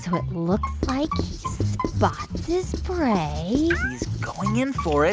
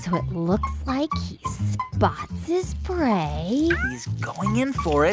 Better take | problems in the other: second | background sound (Writing); 9 dB below the speech

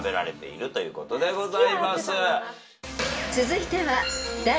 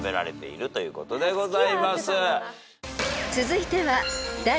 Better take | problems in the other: second | room echo; dies away in 0.3 s

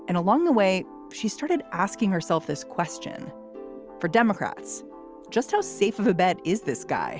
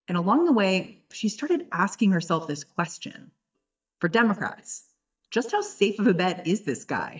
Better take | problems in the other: first | noise reduction (neural mask model DeepFilterNet 3)

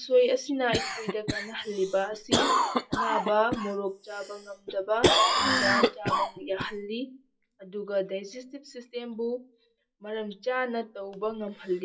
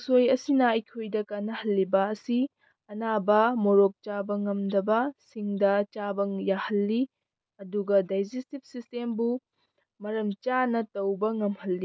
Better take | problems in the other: second | noise reduction (classical method WPE with log-MMSE)

